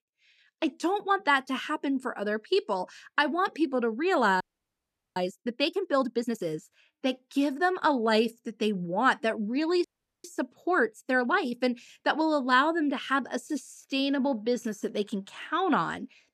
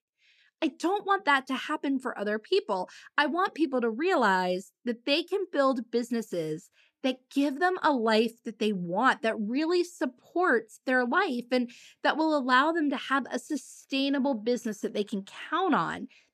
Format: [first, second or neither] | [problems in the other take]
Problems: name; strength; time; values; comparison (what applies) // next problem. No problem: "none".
second | audio freezing; at 4.5 s for 1 s and at 10 s